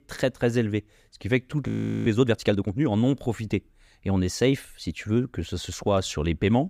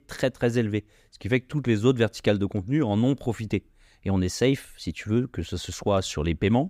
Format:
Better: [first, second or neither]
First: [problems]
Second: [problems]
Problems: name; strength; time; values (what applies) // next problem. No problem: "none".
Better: second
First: audio freezing; at 1.5 s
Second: none